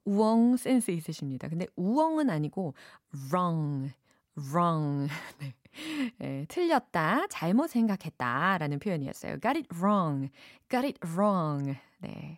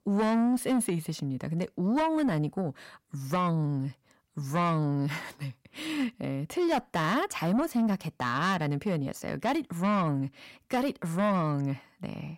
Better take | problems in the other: first | distortion; slight; 10 dB below the speech

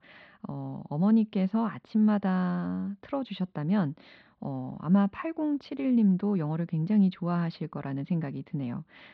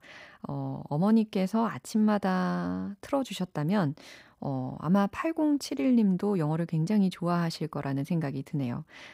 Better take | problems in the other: second | muffled; slightly; fading above 4 kHz

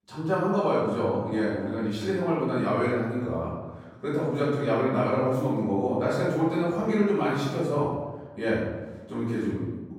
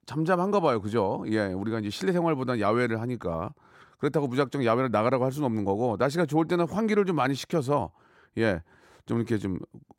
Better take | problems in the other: second | room echo; strong; dies away in 1.1 s // off-mic speech; far

